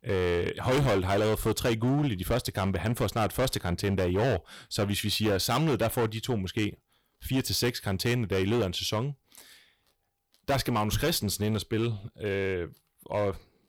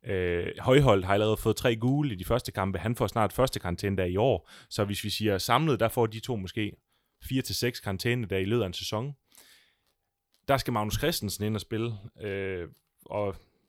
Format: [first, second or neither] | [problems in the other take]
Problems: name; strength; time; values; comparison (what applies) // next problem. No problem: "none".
second | distortion; heavy; 12% of the sound clipped